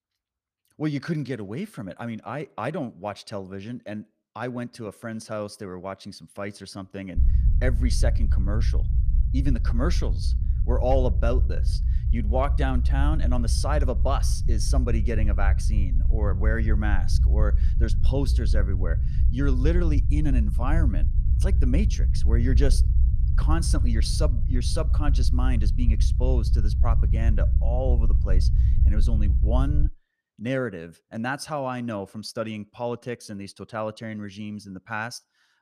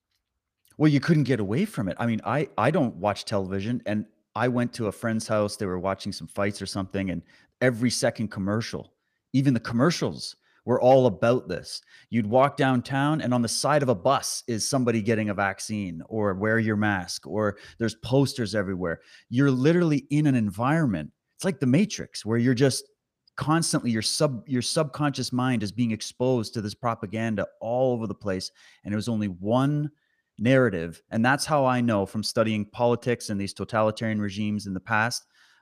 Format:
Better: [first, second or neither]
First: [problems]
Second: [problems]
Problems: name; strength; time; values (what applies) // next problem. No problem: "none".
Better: second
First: low rumble; noticeable; from 7 to 30 s; 10 dB below the speech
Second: none